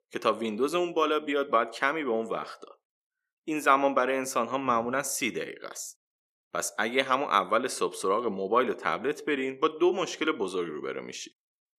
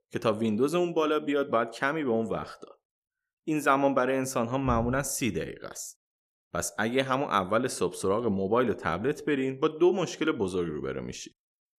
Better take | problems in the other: second | thin; very slightly; fading below 300 Hz

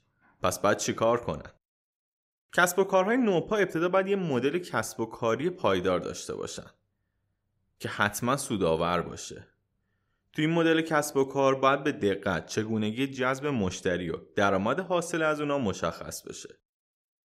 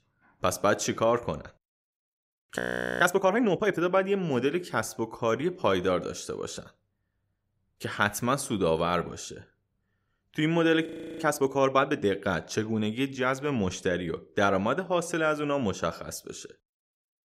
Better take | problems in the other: first | audio freezing; at 2.5 s and at 11 s

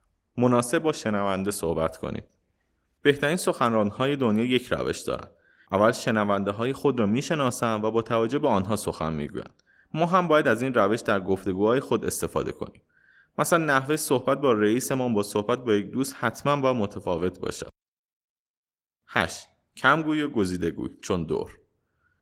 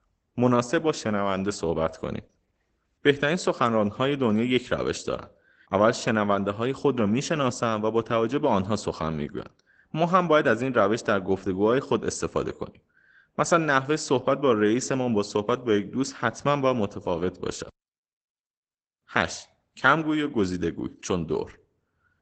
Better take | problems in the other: first | garbled, watery; badly; nothing above 8 kHz; slightly in the first

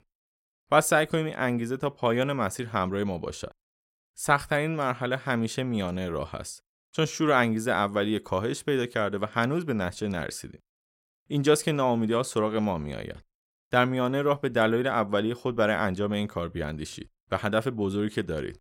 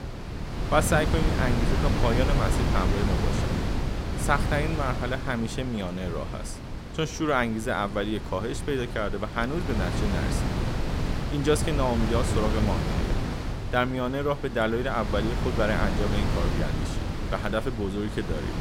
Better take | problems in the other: first | wind noise on the microphone; heavy; 6 dB below the speech

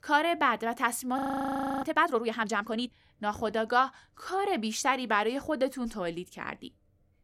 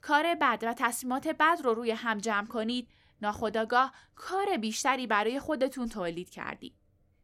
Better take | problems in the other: second | audio freezing; at 1 s for 0.5 s

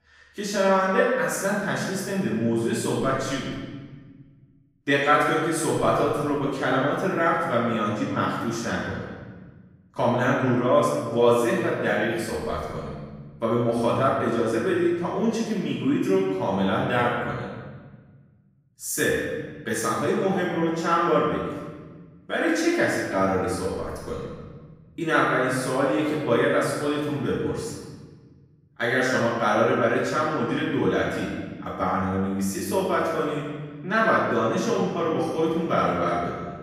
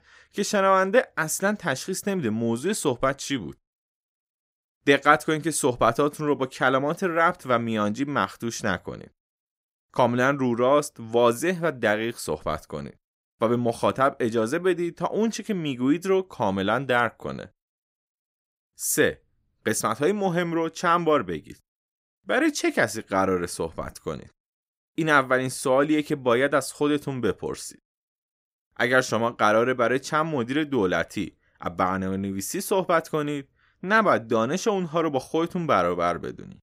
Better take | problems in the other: second | off-mic speech; far // room echo; strong; dies away in 1.4 s

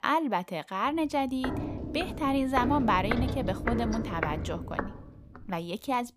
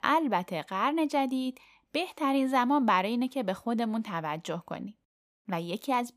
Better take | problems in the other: second | footsteps; noticeable; from 1.5 to 5 s; peak 1 dB below the speech

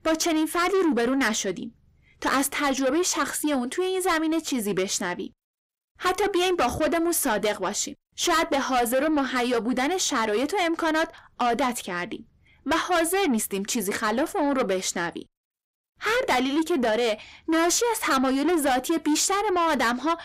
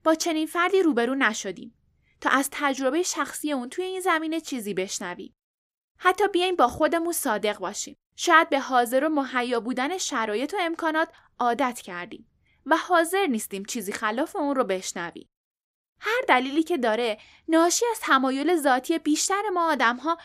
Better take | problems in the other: second | distortion; heavy; 6 dB below the speech

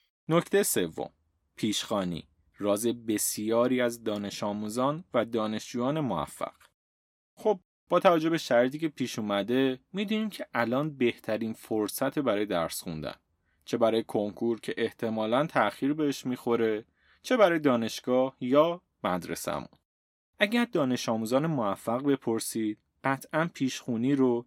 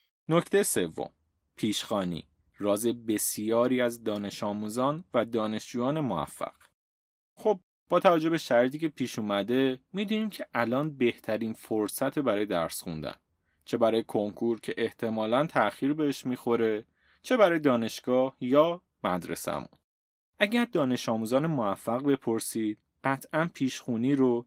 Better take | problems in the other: first | garbled, watery; slightly; nothing above 16.5 kHz

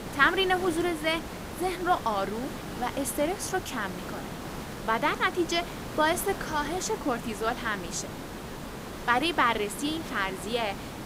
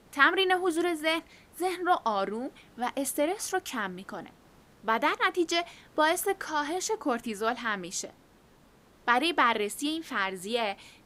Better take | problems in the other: second | hiss; loud; throughout; 10 dB below the speech; faint in the second

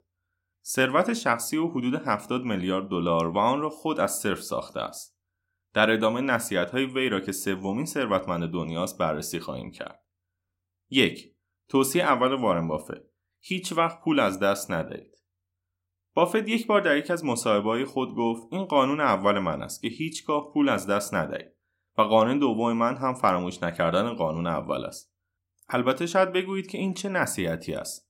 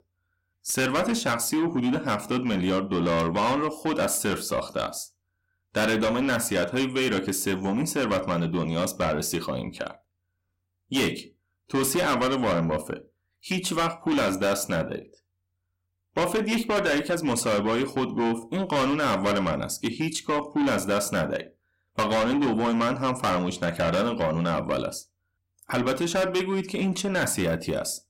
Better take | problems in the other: first | distortion; heavy; 6 dB below the speech

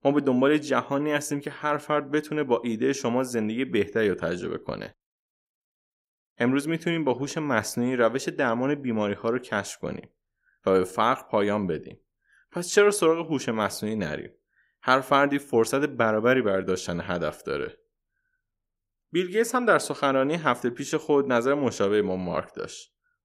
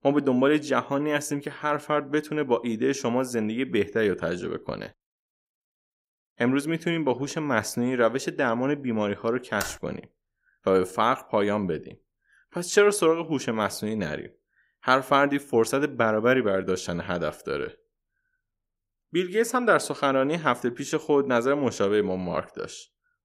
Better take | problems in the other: first | keyboard typing; noticeable; at 9.5 s; peak 10 dB below the speech

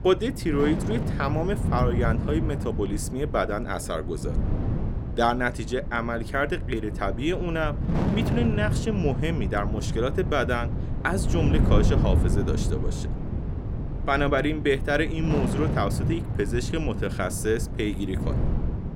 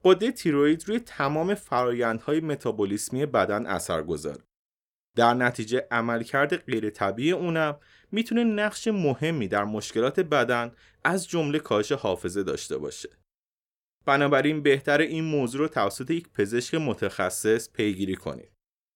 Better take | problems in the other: second | wind noise on the microphone; heavy; 9 dB below the speech

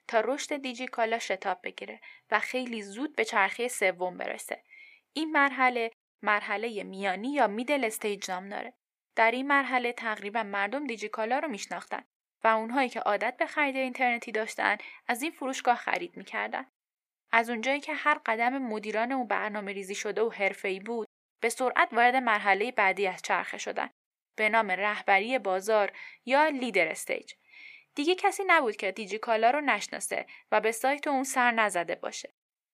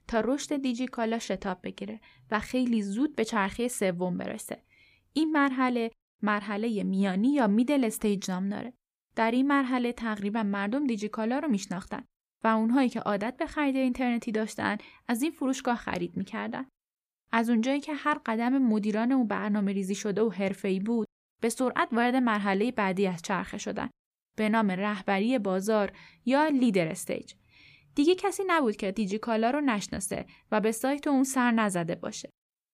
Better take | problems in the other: second | thin; somewhat; fading below 450 Hz

